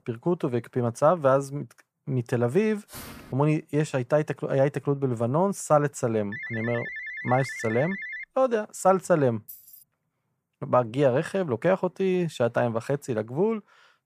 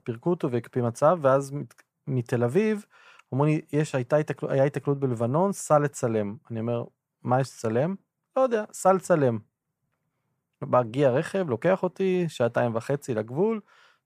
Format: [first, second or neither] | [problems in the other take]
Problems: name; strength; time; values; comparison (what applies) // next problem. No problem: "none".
second | footsteps; faint; at 3 s; peak 15 dB below the speech // phone ringing; noticeable; from 6.5 to 8 s; peak 8 dB below the speech // jangling keys; faint; at 9.5 s; peak 20 dB below the speech